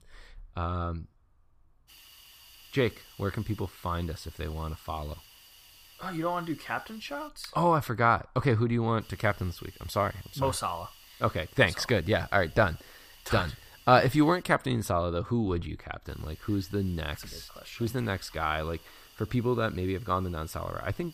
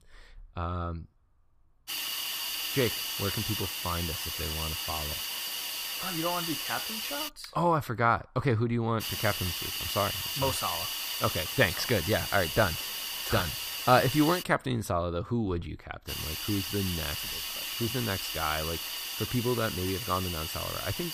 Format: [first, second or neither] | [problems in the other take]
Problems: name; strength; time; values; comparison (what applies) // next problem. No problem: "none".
first | hiss; loud; from 2 to 7.5 s, from 9 to 14 s and from 16 s on; 2 dB below the speech; faint in the first